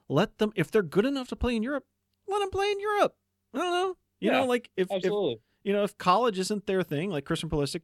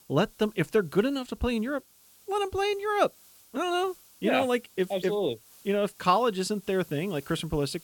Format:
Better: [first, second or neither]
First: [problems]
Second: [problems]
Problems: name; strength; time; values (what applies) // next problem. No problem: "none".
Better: first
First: none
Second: hiss; faint; throughout; 25 dB below the speech